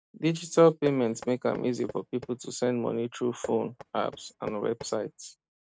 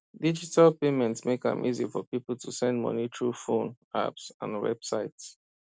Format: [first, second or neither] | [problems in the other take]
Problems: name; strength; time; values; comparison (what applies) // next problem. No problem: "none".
second | noise reduction (neural mask model RNNoise)